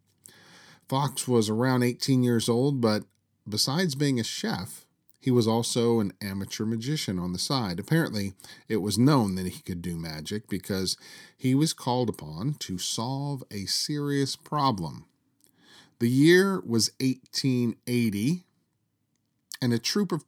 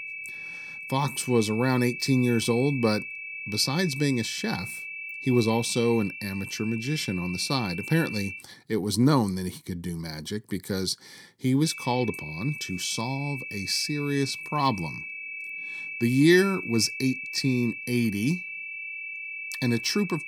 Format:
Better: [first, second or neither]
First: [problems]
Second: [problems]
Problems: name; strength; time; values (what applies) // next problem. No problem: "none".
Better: first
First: none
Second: high-pitched whine; loud; until 8.5 s and from 12 s on; 2.5 kHz, 8 dB below the speech